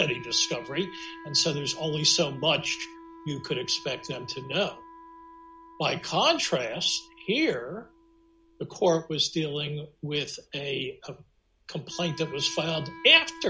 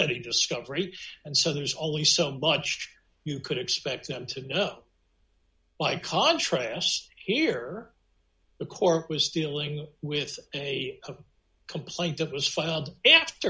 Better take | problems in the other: second | background sound (Wind instrument, woodwind instrument); 19 dB below the speech

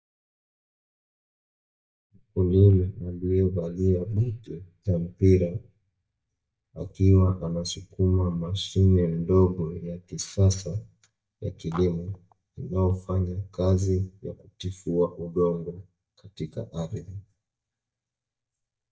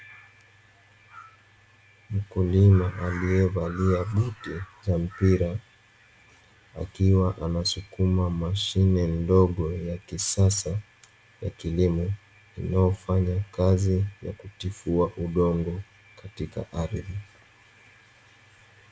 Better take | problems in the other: second | noise reduction (neural mask model DeepFilterNet 3)

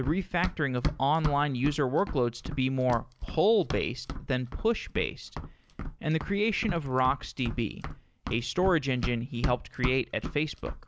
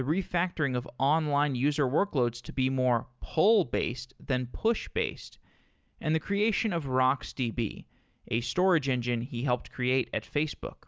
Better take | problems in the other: second | background sound (Run); 8 dB below the speech

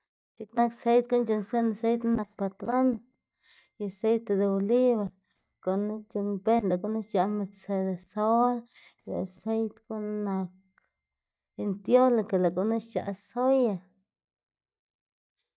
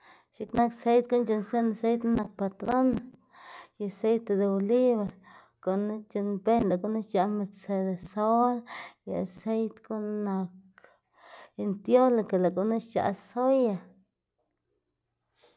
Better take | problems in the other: second | noise reduction (neural mask model DeepFilterNet 3)

